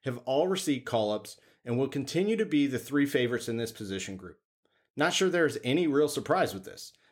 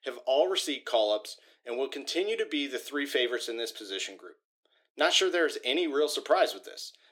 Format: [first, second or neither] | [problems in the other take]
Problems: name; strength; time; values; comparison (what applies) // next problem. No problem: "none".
first | thin; somewhat; fading below 350 Hz